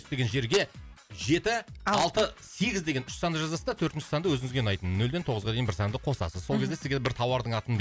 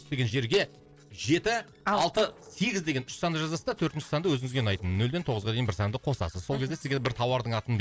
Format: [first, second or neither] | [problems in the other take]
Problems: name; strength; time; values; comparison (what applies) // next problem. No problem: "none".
first | noise reduction (neural separator model SepFormer DNS4)